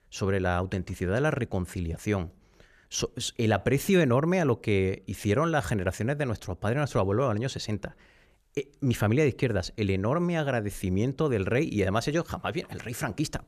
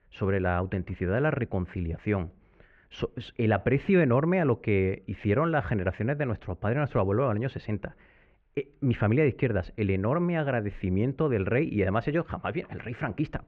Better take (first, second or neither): first